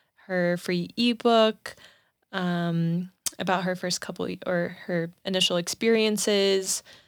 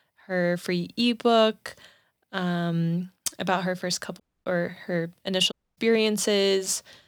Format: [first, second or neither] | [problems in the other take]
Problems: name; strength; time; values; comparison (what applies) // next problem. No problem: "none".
first | audio cutting out; at 4 s and at 5.5 s